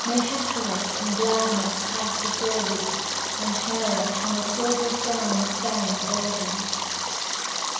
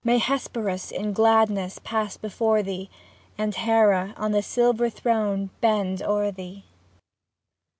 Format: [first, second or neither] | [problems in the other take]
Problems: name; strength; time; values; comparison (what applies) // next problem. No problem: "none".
second | background sound (Stream); 1 dB above the speech // room echo; dies away in 1 s